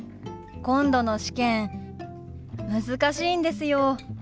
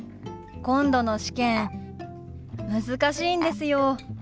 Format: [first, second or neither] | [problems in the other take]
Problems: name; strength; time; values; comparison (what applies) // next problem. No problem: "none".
first | background sound (Tap); 9 dB below the speech